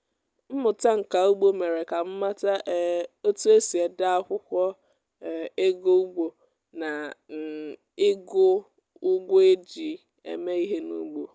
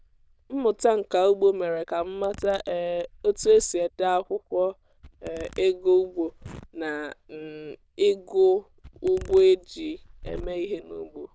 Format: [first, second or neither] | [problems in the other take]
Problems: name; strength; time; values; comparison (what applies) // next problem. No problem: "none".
first | noise reduction (neural diffusion model UNIVERSE++)